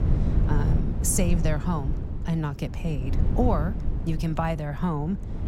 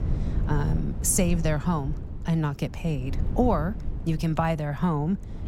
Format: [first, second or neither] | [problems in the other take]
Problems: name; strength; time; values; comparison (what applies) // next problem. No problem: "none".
second | wind noise on the microphone; heavy; 9 dB below the speech; occasional gusts in the second